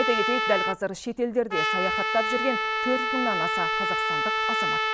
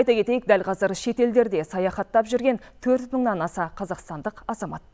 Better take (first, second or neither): second